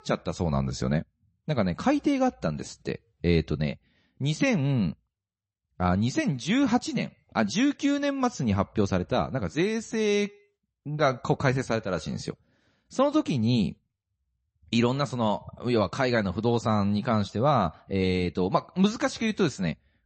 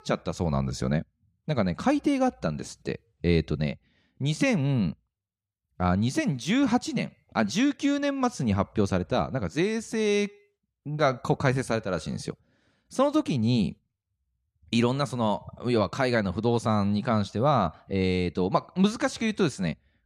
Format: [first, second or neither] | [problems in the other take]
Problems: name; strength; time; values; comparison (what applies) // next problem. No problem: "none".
second | garbled, watery; slightly; nothing above 8 kHz